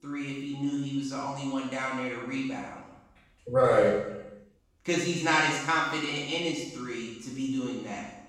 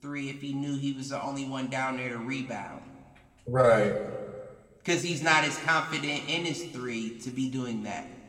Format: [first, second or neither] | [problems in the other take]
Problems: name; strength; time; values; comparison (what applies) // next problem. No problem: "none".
second | room echo; strong; dies away in 0.9 s; slight in the second // off-mic speech; far